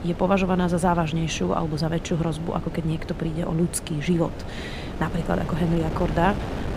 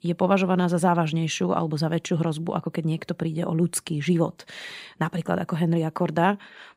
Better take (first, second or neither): second